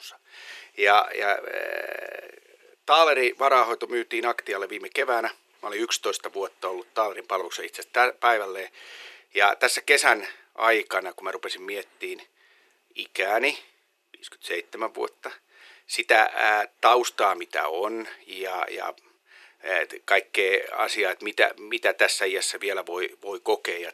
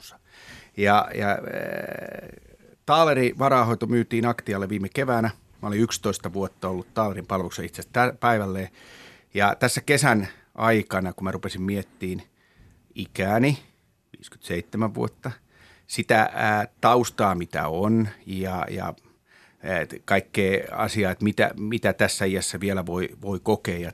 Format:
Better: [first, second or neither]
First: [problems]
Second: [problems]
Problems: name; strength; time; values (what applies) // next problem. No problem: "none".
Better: second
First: thin; very; fading below 350 Hz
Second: none